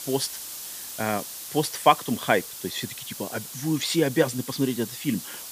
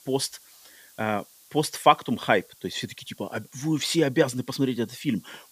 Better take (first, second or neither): second